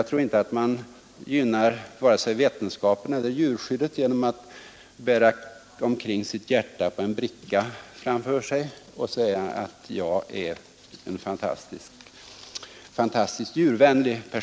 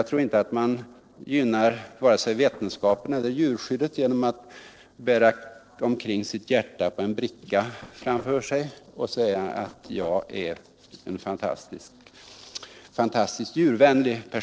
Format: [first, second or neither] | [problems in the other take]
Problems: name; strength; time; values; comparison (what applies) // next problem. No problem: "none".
first | noise reduction (neural separator model SepFormer DNS4)